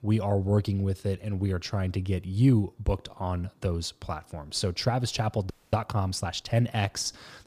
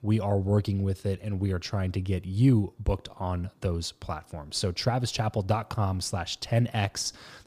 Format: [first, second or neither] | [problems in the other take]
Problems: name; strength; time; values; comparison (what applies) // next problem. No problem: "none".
second | audio freezing; at 5.5 s